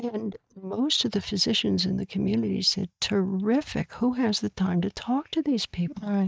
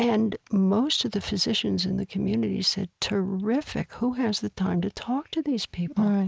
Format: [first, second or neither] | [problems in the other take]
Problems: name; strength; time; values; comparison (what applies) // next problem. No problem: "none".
second | noise reduction (neural mask model DeepFilterNet 3)